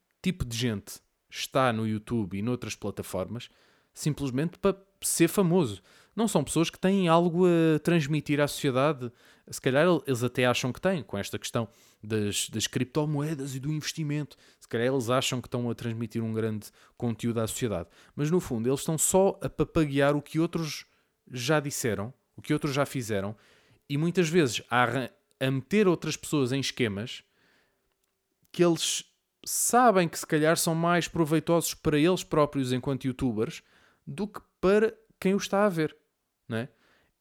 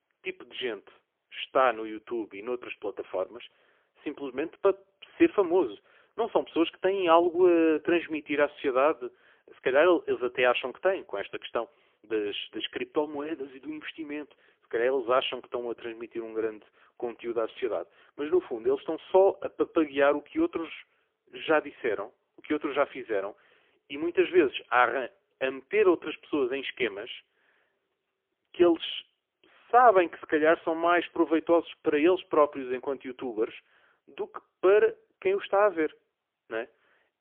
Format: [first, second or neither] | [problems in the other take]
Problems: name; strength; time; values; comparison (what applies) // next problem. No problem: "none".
first | phone-call audio; poor line; nothing above 3.5 kHz